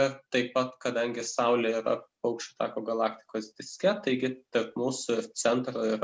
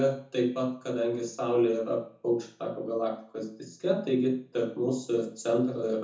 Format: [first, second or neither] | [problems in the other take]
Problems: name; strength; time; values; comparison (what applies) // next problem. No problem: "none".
first | room echo; dies away in 0.5 s